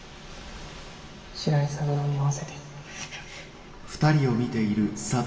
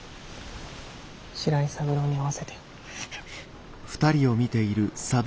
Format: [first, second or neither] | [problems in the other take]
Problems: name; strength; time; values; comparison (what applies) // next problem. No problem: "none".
second | room echo; dies away in 2.2 s